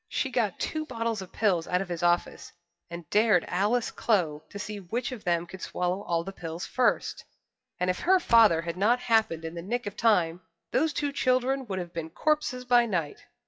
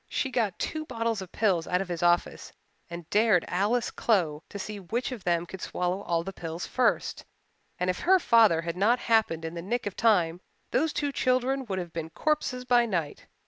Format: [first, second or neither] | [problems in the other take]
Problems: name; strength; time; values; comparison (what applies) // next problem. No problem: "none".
second | noise reduction (classical method WPE with log-MMSE)